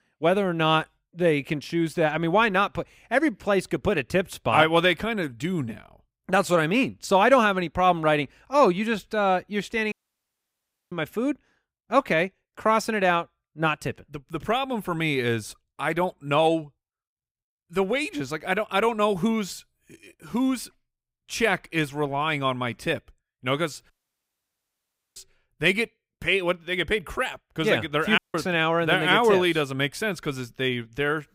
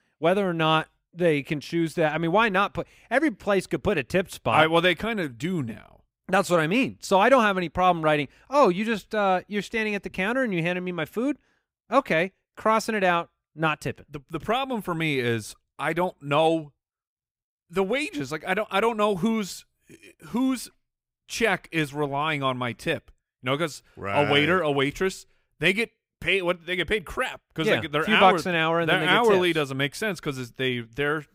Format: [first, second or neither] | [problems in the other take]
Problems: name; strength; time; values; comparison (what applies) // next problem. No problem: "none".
second | audio cutting out; at 10 s for 1 s, at 24 s for 1.5 s and at 28 s